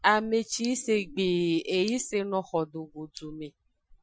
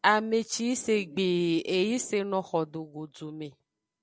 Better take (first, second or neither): second